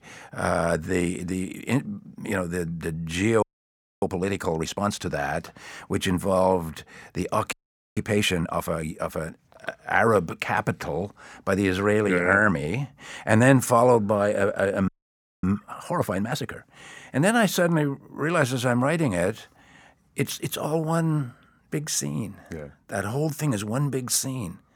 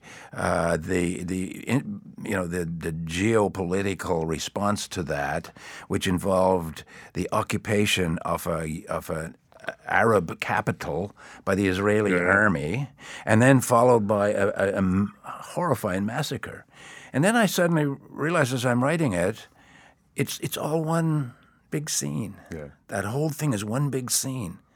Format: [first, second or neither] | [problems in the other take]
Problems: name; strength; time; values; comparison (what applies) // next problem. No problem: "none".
second | audio freezing; at 3.5 s for 0.5 s, at 7.5 s and at 15 s for 0.5 s